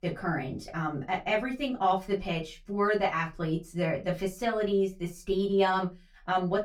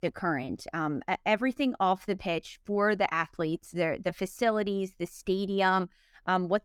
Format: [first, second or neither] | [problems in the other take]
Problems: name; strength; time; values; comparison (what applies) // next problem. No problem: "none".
second | off-mic speech; far // room echo; very slight; dies away in 0.2 s